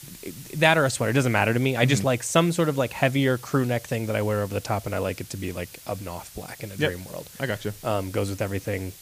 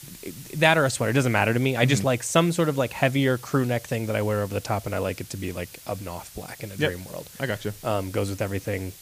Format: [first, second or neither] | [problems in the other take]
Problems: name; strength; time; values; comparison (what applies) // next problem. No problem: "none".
neither | hiss; noticeable; throughout; 20 dB below the speech; the same in both